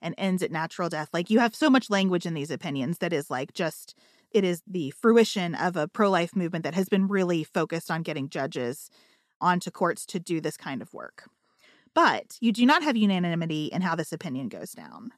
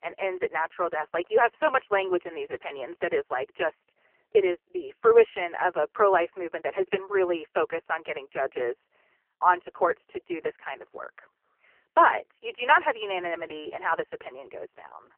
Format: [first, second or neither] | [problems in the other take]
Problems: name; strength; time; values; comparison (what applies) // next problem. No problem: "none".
first | phone-call audio; poor line; nothing above 3 kHz